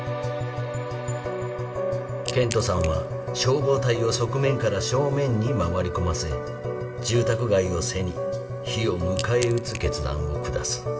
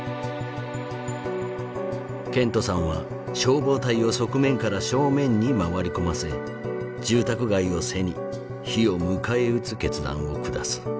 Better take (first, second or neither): second